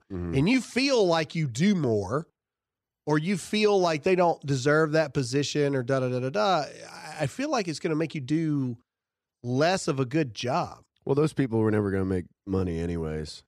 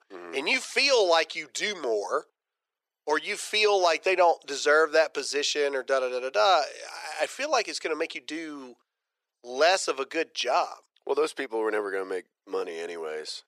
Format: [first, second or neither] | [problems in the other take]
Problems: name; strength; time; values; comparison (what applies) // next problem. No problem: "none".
first | thin; very; fading below 450 Hz